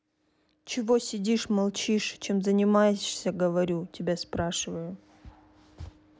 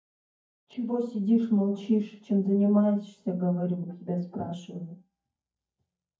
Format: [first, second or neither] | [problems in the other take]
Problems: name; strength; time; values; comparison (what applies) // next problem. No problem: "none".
first | noise reduction (neural mask model DeepFilterNet 3)